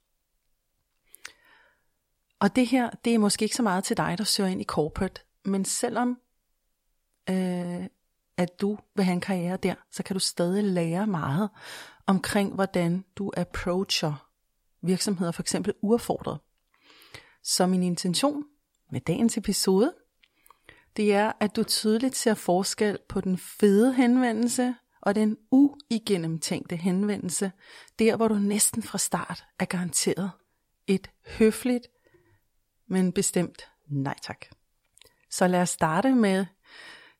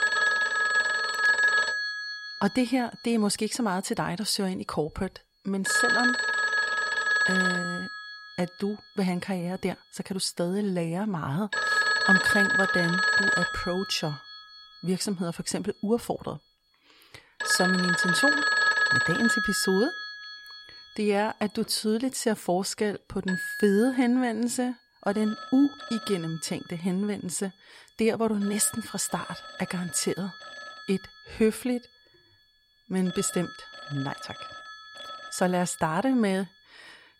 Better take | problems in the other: first | alarms or sirens; very loud; throughout; 4 dB above the speech

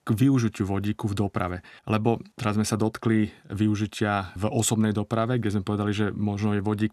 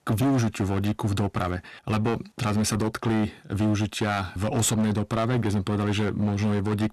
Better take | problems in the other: first | distortion; heavy; 16% of the sound clipped

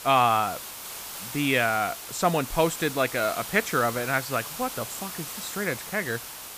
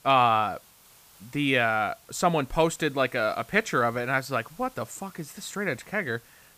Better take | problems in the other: second | hiss; loud; throughout; 9 dB below the speech; faint in the second

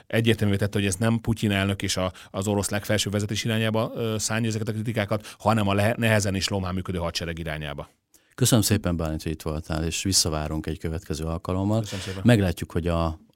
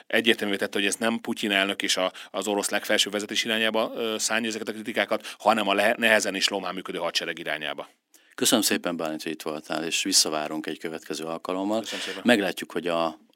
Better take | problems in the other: first | thin; somewhat; fading below 250 Hz

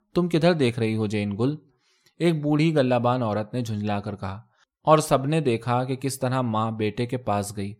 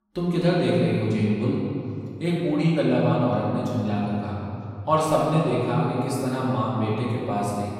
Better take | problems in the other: first | room echo; strong; dies away in 2.5 s // off-mic speech; far

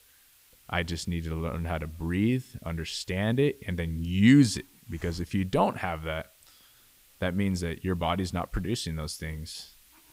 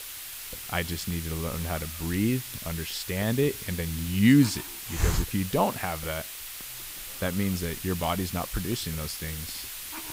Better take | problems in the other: first | hiss; loud; throughout; 7 dB below the speech; faint in the first

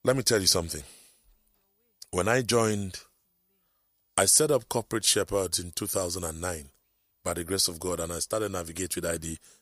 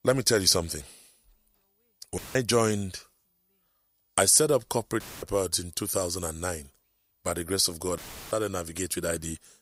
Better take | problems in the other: first | audio cutting out; filled with static; at 2 s, at 5 s and at 8 s

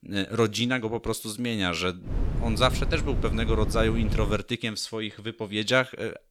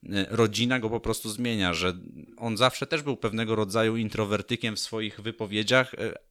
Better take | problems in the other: second | wind noise on the microphone; occasional gusts; from 2 to 4.5 s; 15 dB below the speech

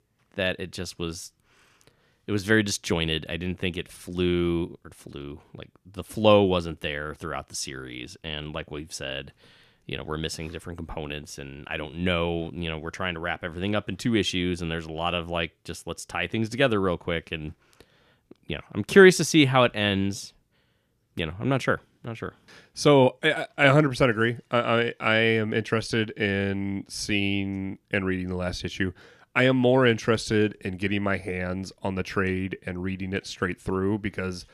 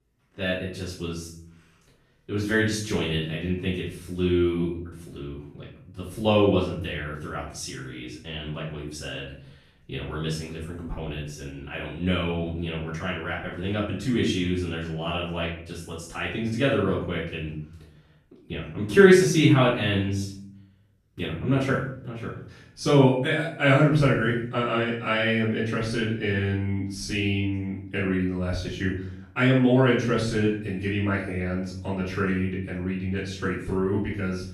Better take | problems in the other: first | off-mic speech; far // room echo; noticeable; dies away in 0.6 s

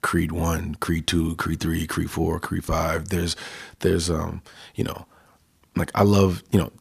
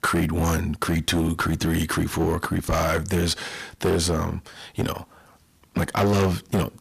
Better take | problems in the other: first | distortion; heavy; 11% of the sound clipped

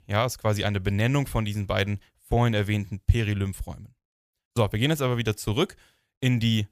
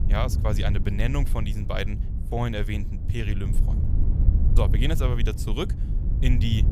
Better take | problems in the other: first | low rumble; loud; throughout; 9 dB below the speech

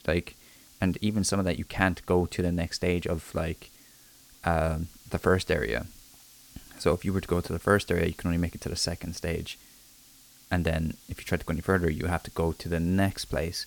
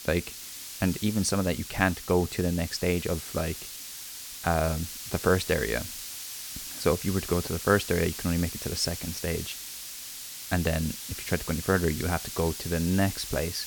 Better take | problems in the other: first | hiss; loud; throughout; 8 dB below the speech; faint in the first

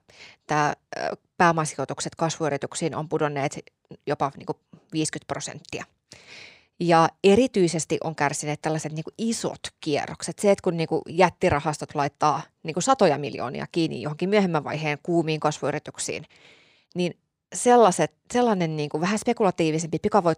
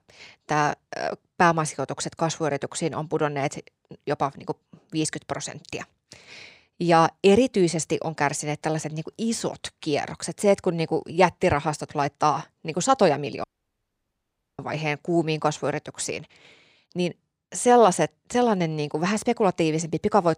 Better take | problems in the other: first | audio cutting out; at 13 s for 1 s

